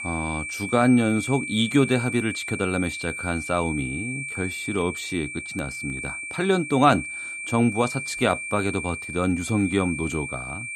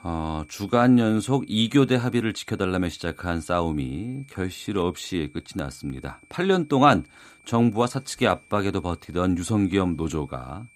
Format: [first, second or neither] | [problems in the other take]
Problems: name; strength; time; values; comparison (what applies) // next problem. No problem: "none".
second | high-pitched whine; loud; throughout; 2.5 kHz, 6 dB below the speech; faint in the second